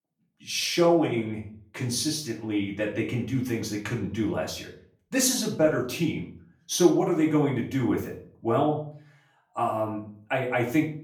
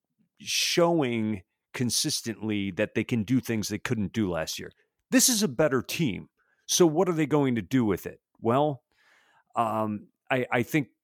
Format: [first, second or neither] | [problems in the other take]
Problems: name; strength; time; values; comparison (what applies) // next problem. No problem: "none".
second | off-mic speech; far // room echo; slight; dies away in 0.4 s